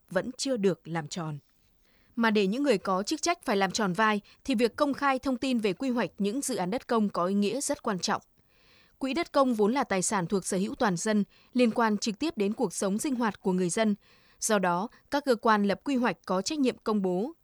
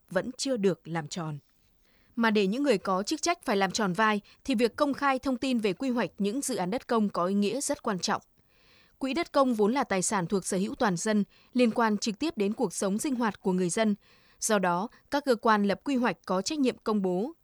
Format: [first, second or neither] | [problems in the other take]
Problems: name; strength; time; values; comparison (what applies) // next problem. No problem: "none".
neither | none